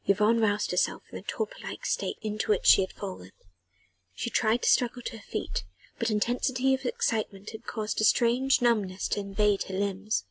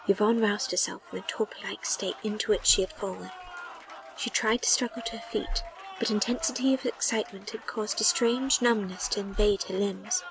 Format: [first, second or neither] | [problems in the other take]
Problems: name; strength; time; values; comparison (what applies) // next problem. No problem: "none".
first | background sound (Applause); 16 dB below the speech